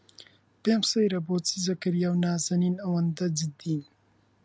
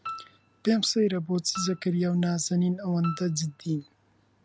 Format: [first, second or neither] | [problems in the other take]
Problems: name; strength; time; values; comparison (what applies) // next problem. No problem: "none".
first | background sound (Piano); 16 dB below the speech